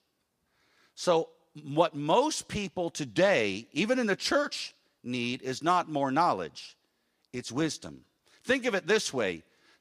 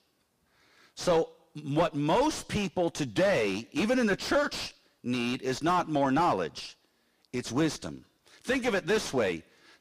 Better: first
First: none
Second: distortion; heavy; 7 dB below the speech

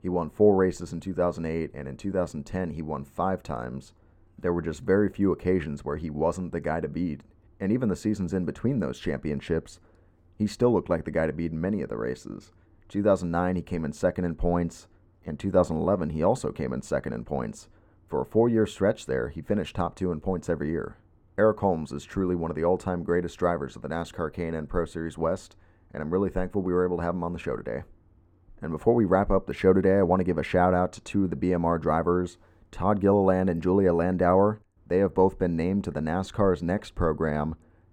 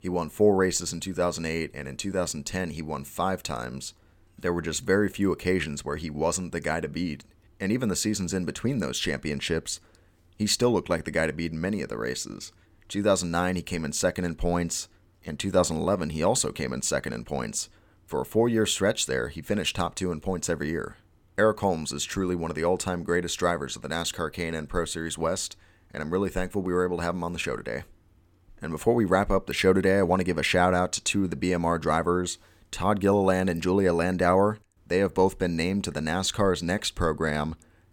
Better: second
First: muffled; very; fading above 2 kHz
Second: none

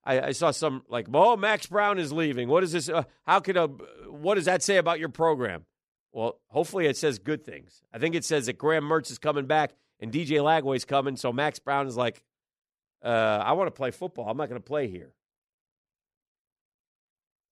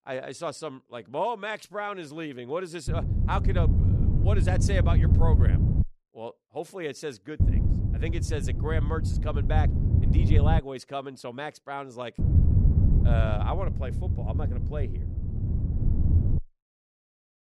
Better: first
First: none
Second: wind noise on the microphone; heavy; from 3 to 6 s, from 7.5 to 11 s and from 12 to 16 s; 5 dB below the speech

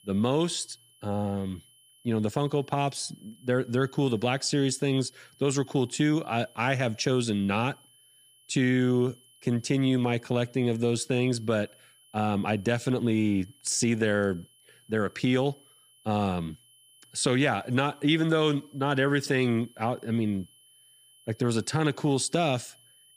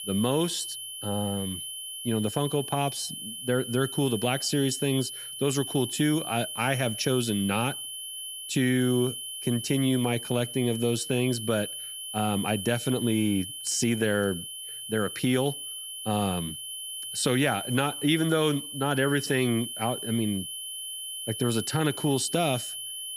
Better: first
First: high-pitched whine; faint; throughout; 3 kHz, 30 dB below the speech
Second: high-pitched whine; loud; throughout; 3 kHz, 7 dB below the speech

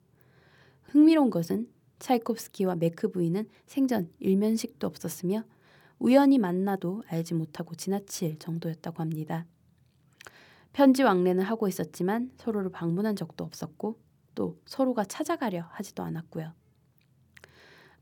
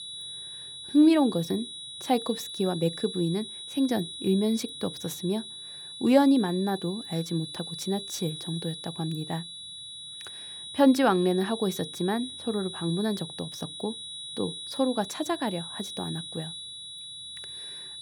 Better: first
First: none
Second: high-pitched whine; loud; throughout; 4 kHz, 10 dB below the speech

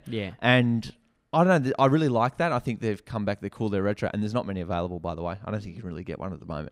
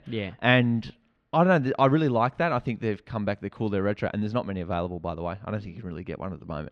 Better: first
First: none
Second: muffled; very slightly; fading above 3 kHz

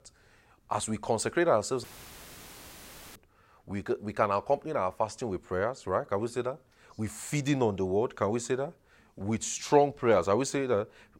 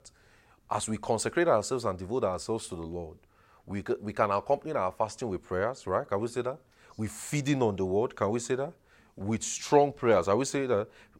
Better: second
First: audio cutting out; filled with static; at 2 s for 1.5 s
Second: none

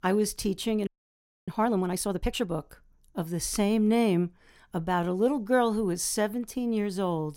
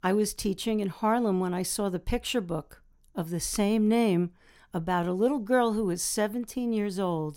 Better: second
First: audio freezing; at 1 s for 0.5 s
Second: none

